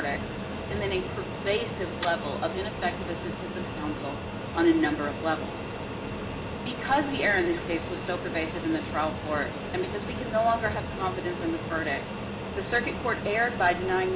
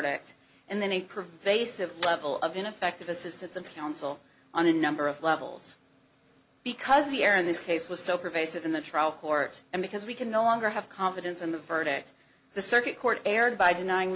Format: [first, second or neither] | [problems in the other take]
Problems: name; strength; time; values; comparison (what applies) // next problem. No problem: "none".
second | background sound (Fixed-wing aircraft, airplane); 5 dB below the speech // room echo; dies away in 2.6 s